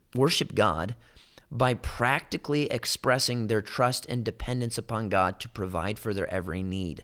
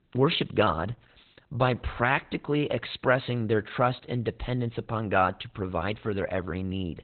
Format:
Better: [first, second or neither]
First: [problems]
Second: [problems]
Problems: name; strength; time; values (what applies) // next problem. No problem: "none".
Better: first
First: garbled, watery; slightly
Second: garbled, watery; badly; nothing above 4 kHz